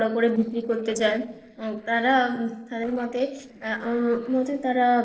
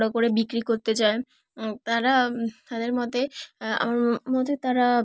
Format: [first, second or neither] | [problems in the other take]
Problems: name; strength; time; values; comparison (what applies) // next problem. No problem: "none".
second | noise reduction (neural separator model SepFormer DNS4)